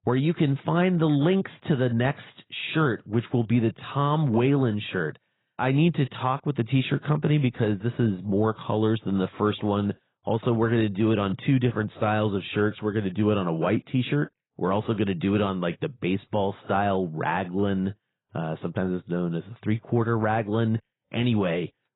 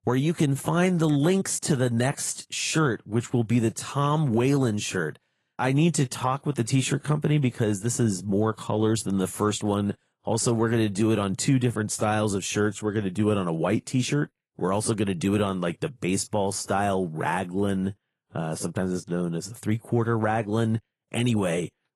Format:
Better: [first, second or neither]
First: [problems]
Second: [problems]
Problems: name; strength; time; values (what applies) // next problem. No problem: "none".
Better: second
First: garbled, watery; badly; nothing above 4 kHz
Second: garbled, watery; slightly; nothing above 11.5 kHz